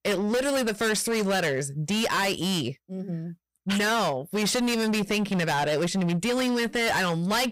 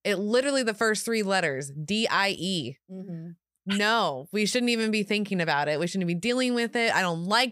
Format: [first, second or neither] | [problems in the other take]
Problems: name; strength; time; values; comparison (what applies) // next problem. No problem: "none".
second | distortion; heavy; 26% of the sound clipped